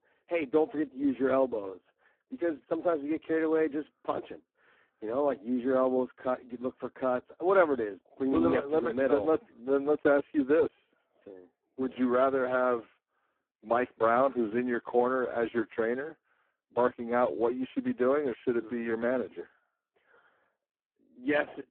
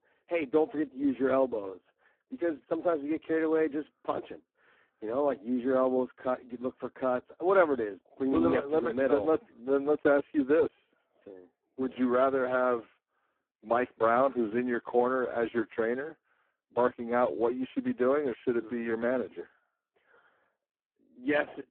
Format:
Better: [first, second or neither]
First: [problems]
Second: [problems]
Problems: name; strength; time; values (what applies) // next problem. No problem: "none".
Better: neither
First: phone-call audio; poor line; nothing above 3.5 kHz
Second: phone-call audio; poor line; nothing above 3.5 kHz